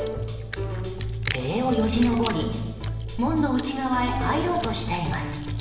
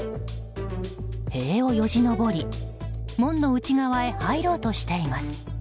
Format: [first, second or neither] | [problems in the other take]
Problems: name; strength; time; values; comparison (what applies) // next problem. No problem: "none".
second | background sound (Chewing, mastication); 14 dB below the speech // room echo; dies away in 1.1 s